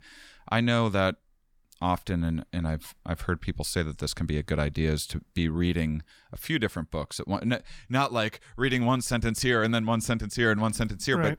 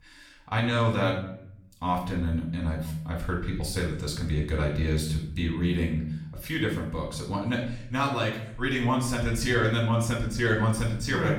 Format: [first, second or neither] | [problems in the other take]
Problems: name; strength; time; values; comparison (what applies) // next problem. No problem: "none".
first | off-mic speech; far // room echo; noticeable; dies away in 0.6 s